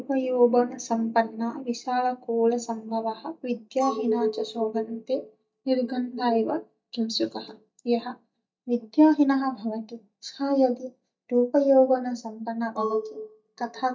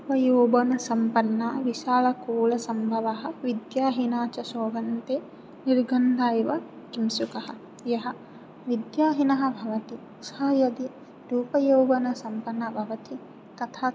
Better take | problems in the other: second | noise reduction (neural mask model DeepFilterNet 3)

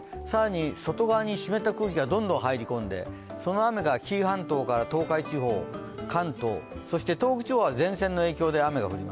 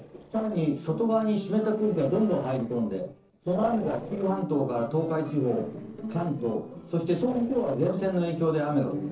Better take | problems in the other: first | noise reduction (neural separator model SepFormer DNS4)

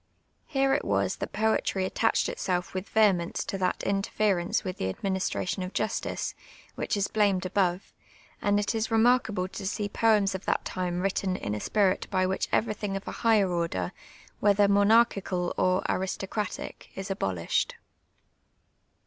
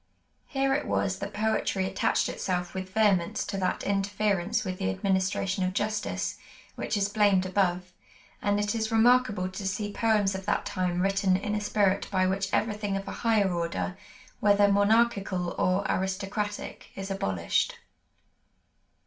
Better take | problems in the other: first | room echo; dies away in 0.3 s

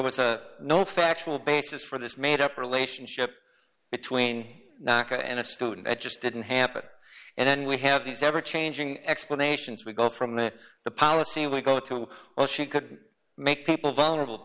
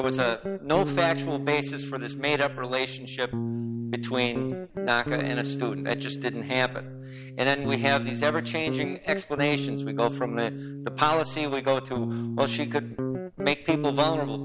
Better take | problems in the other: first | background sound (Guitar); 4 dB below the speech

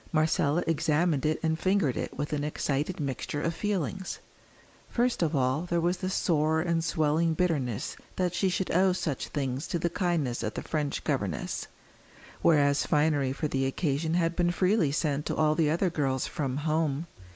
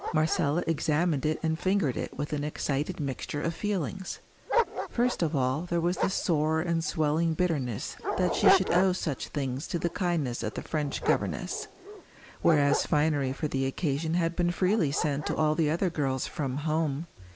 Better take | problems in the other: first | background sound (Dog); 8 dB below the speech

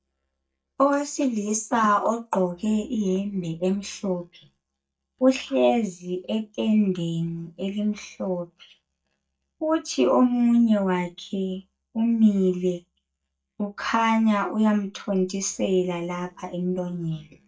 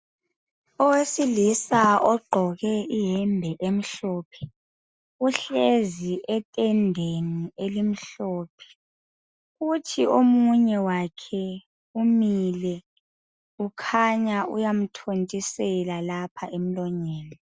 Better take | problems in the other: second | noise reduction (neural mask model DeepFilterNet 3)

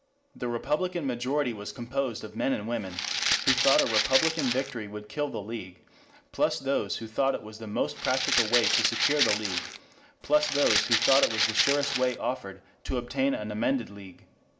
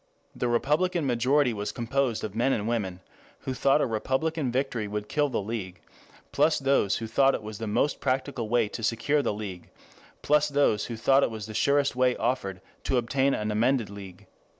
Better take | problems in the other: second | background sound (Rattle (instrument)); 1 dB above the speech // room echo; dies away in 0.5 s

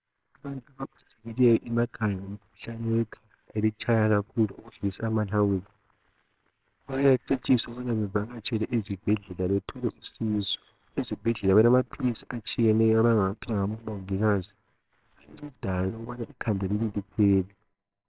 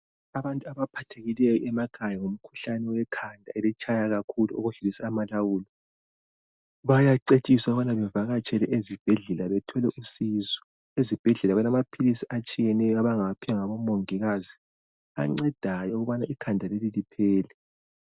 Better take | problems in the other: second | noise reduction (neural separator model SepFormer WHAMR!)

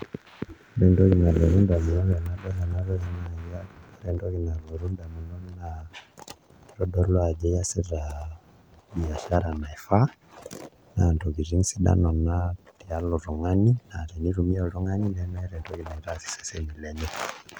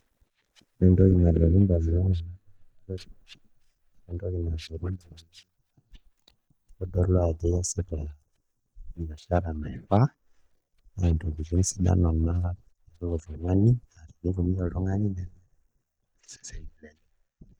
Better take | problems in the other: first | noise reduction (neural mask model DeepFilterNet 3)

